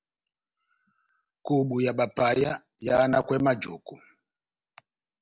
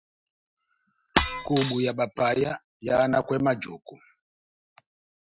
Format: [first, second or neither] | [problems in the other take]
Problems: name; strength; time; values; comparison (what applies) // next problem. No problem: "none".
first | noise reduction (classical method Wiener filter)